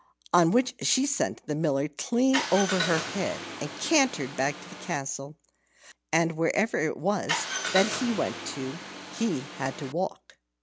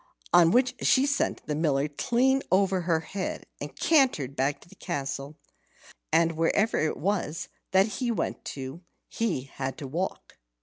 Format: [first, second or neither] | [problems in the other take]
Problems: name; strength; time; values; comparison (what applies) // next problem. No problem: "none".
second | background sound (Car); 6 dB below the speech